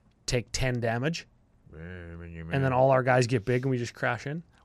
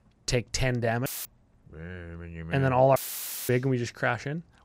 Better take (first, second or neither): first